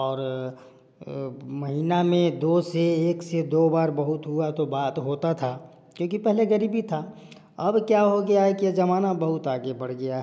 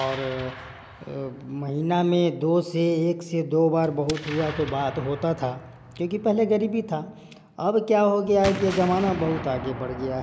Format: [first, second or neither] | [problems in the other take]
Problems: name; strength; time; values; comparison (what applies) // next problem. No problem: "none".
first | background sound (Explosion); 14 dB below the speech